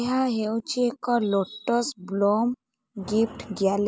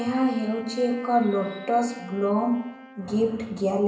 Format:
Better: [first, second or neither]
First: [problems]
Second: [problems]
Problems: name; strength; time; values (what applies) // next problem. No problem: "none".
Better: first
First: none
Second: background sound (Wind instrument, woodwind instrument); 19 dB below the speech // room echo; dies away in 0.8 s